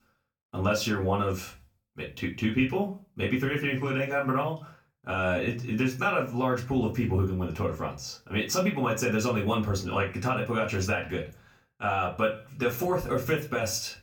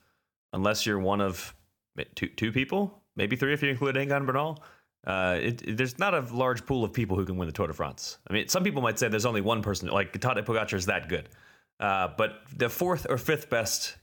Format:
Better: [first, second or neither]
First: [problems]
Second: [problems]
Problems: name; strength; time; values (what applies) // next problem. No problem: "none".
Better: second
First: off-mic speech; far // room echo; very slight; dies away in 0.3 s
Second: none